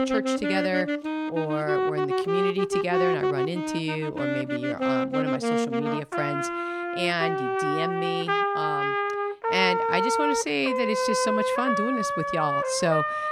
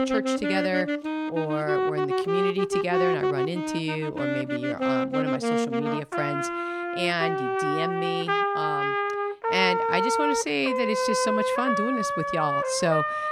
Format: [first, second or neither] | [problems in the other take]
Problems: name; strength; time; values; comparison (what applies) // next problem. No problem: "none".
neither | background music; very loud; throughout; 3 dB above the speech; the same in both